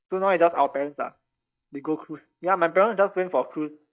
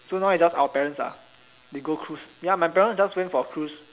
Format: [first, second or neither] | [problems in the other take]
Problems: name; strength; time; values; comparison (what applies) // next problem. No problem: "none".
second | noise reduction (neural mask model DeepFilterNet 3)